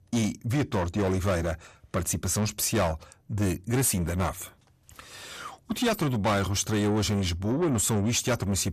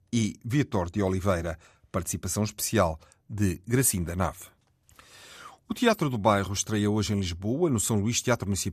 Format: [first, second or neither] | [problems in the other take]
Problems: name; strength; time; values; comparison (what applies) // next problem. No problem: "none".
second | distortion; heavy; 8 dB below the speech